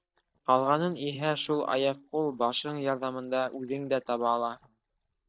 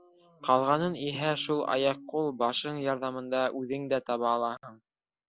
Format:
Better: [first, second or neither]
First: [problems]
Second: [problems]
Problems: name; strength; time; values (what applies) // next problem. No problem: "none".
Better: second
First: noise reduction (neural mask model DeepFilterNet 3)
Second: none